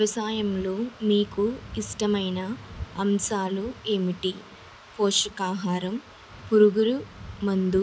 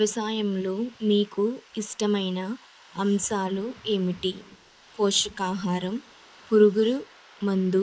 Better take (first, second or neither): first